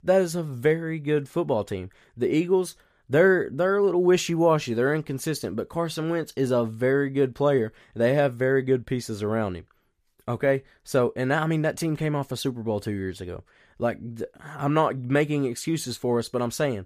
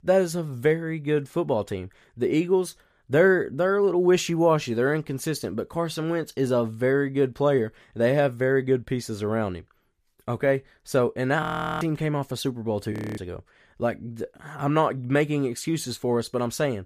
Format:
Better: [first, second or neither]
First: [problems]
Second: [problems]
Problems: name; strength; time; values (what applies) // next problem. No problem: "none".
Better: first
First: none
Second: audio freezing; at 11 s and at 13 s